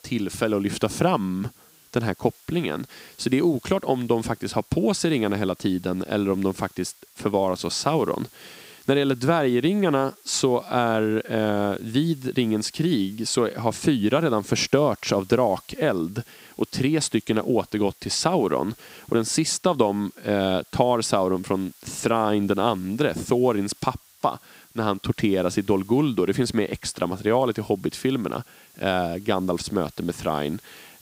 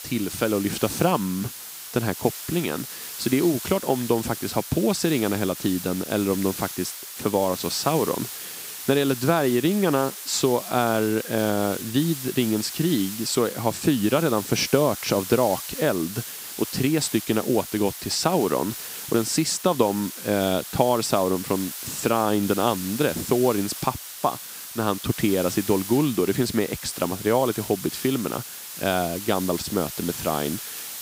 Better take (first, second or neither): first